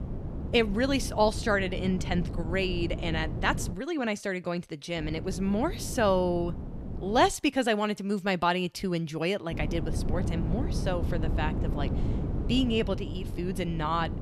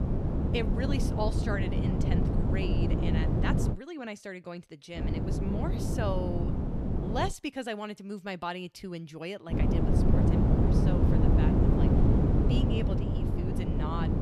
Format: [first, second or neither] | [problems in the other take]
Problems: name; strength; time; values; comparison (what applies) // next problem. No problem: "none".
first | wind noise on the microphone; heavy; until 3.5 s, from 5 to 7.5 s and from 9.5 s on; 2 dB above the speech; occasional gusts in the first